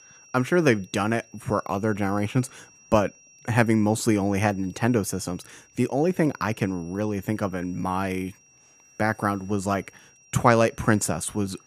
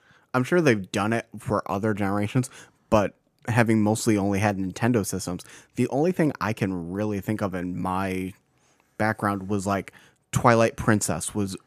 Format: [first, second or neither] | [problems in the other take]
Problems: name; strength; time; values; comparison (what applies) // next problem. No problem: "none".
second | high-pitched whine; faint; throughout; 5.5 kHz, 25 dB below the speech